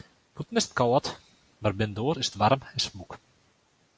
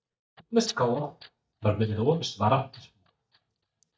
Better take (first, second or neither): first